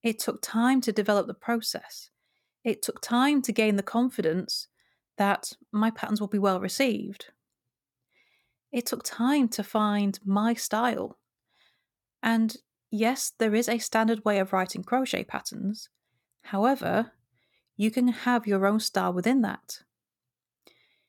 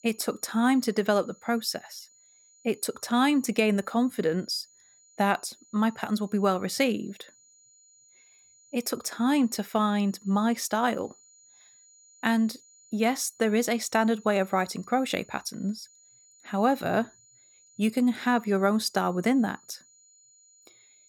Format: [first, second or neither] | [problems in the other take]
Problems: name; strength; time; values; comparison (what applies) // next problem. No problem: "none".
first | high-pitched whine; faint; throughout; 7 kHz, 30 dB below the speech